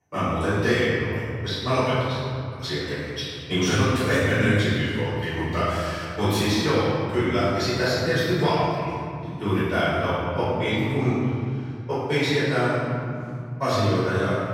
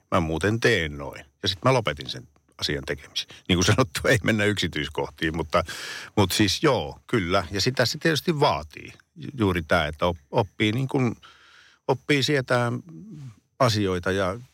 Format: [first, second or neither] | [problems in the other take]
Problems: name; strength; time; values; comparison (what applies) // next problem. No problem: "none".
second | off-mic speech; far // room echo; strong; dies away in 2.6 s